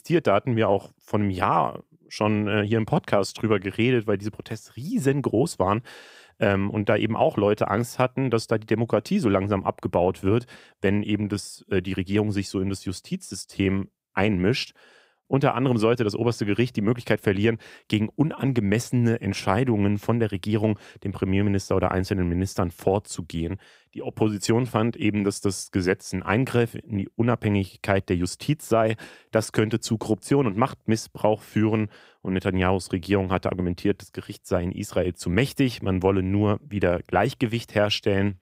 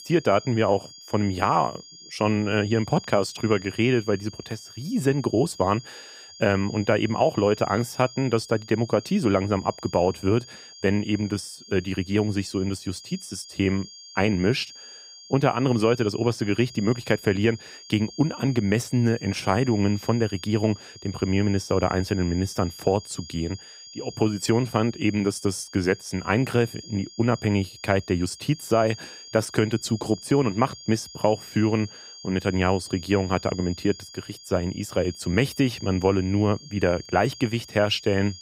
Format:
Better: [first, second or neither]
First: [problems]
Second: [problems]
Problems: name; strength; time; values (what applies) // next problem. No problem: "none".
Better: first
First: none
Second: high-pitched whine; noticeable; throughout; 5 kHz, 15 dB below the speech